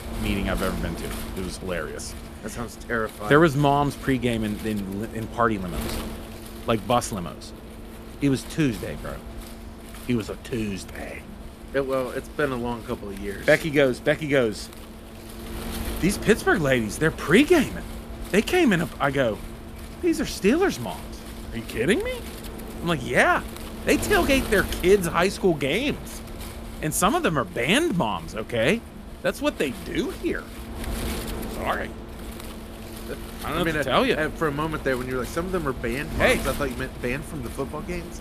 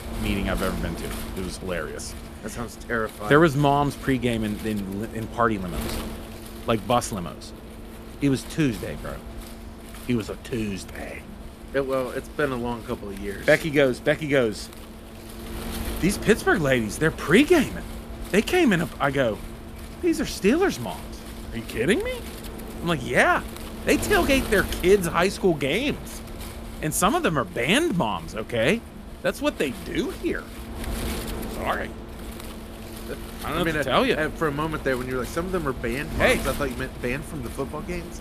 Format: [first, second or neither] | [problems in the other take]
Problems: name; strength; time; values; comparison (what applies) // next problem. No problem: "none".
neither | wind noise on the microphone; occasional gusts; 15 dB below the speech; the same in both